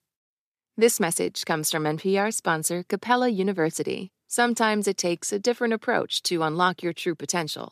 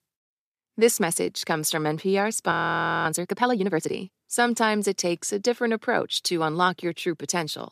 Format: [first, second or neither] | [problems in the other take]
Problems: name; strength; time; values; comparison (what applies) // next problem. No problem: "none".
first | audio freezing; at 2.5 s for 0.5 s